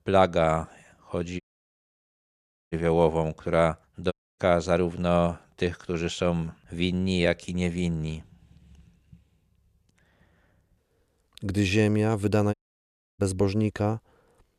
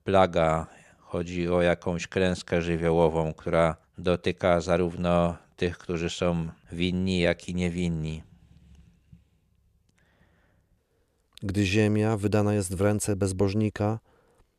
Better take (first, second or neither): second